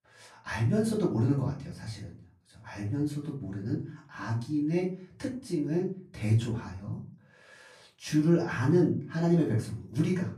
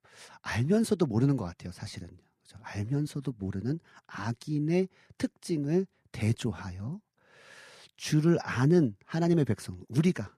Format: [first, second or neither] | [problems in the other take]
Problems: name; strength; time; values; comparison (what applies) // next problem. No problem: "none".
second | off-mic speech; far // room echo; slight; dies away in 0.3 s